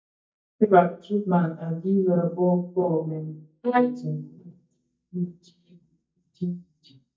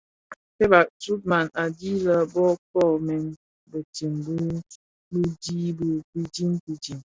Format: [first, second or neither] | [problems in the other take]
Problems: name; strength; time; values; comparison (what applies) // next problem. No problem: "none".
second | noise reduction (neural mask model DeepFilterNet 3)